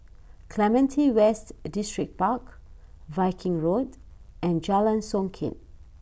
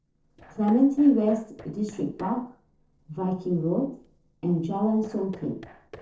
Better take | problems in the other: first | noise reduction (neural separator model SepFormer DNS4)

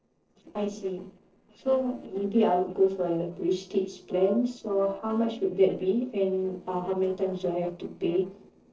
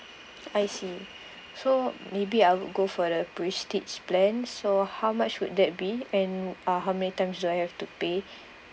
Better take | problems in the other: second | noise reduction (neural separator model SepFormer DNS4)

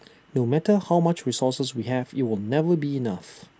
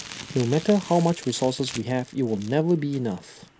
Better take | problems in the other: first | background sound (Crumpling, crinkling); 17 dB below the speech

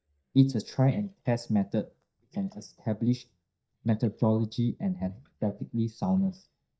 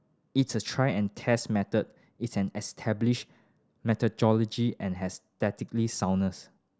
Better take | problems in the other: second | noise reduction (neural mask model DeepFilterNet 3)

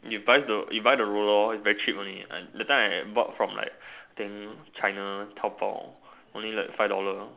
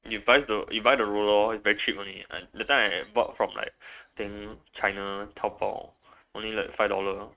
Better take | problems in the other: first | noise reduction (neural mask model RNNoise)

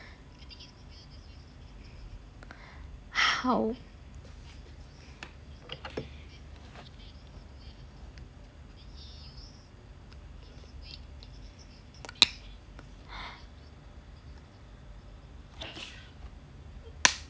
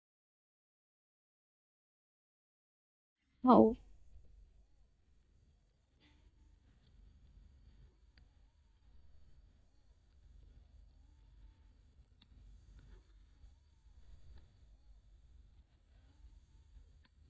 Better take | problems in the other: first | noise reduction (neural mask model DeepFilterNet 3)

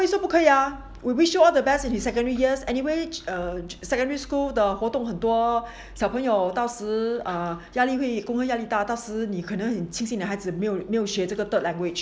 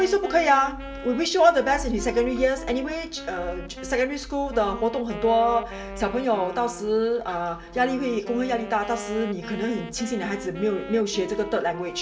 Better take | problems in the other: first | background sound (Wind instrument, woodwind instrument); 13 dB below the speech // room echo; dies away in 0.2 s

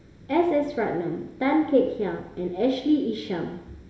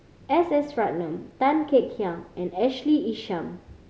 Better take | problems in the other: second | room echo; dies away in 0.9 s

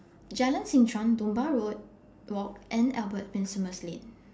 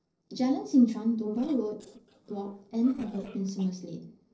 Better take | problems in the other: first | noise reduction (neural separator model SepFormer DNS4)

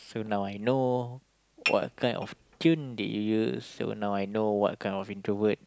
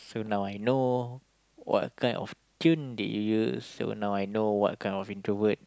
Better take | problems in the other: second | background sound (Dishes, pots, and pans / Chink, clink); 9 dB below the speech

